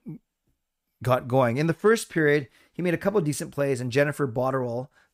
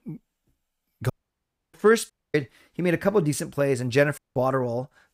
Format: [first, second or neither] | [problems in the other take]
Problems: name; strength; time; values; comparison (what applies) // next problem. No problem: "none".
first | audio cutting out; at 1 s for 0.5 s, at 2 s and at 4 s